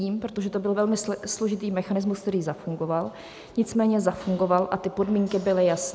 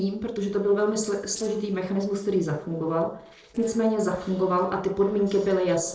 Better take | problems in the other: first | noise reduction (neural separator model SepFormer DNS4)

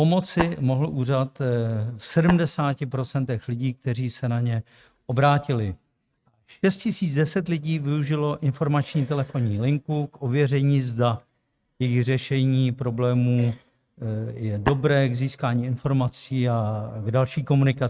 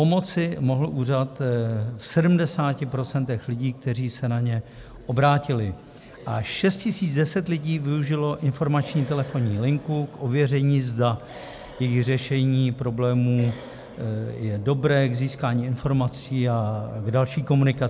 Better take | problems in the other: second | noise reduction (neural mask model RNNoise)

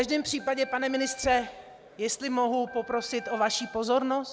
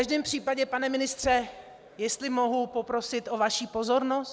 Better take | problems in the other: second | background sound (Organ); 15 dB below the speech

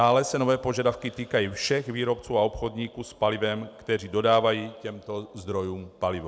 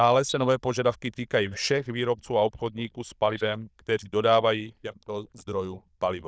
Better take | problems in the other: first | noise reduction (neural diffusion model UNIVERSE++)

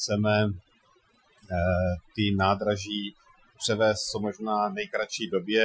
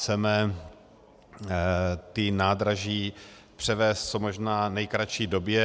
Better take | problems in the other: second | noise reduction (classical method Wiener filter)

